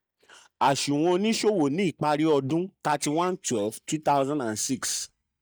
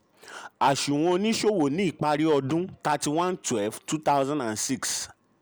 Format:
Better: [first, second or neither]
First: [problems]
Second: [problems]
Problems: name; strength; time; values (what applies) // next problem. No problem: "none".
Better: second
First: noise reduction (neural mask model DeepFilterNet 3)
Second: none